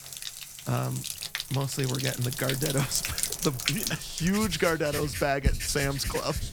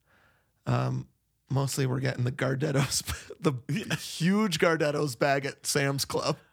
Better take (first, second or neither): second